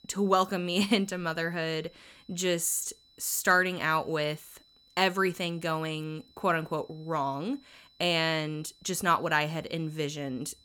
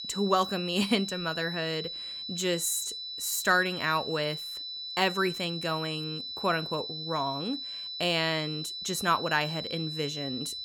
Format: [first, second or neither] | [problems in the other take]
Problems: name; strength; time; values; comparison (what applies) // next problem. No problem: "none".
first | high-pitched whine; loud; throughout; 4 kHz, 5 dB below the speech; faint in the first